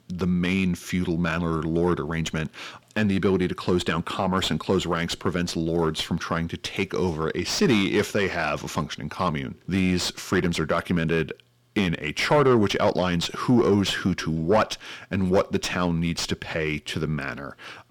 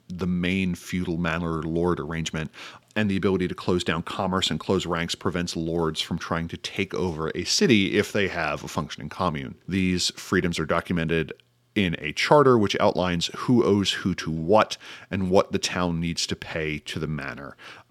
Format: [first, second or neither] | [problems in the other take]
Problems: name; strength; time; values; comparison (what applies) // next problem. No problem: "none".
second | distortion; slight; 10 dB below the speech